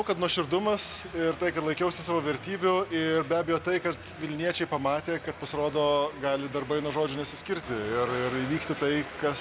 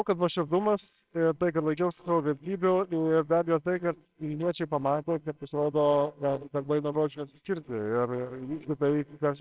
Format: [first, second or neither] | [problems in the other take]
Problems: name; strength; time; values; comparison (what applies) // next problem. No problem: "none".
first | noise reduction (neural separator model SepFormer WHAMR!)